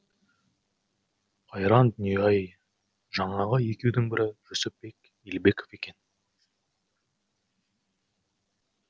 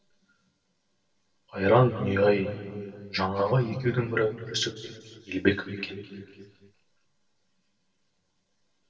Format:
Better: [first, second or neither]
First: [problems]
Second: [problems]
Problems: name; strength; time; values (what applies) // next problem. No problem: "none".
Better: first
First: none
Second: room echo; dies away in 2.4 s